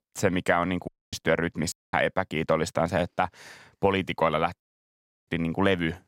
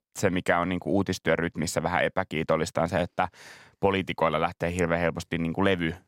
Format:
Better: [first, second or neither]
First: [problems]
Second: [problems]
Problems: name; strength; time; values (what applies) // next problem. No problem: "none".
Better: second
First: audio cutting out; at 1 s, at 1.5 s and at 4.5 s for 0.5 s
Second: none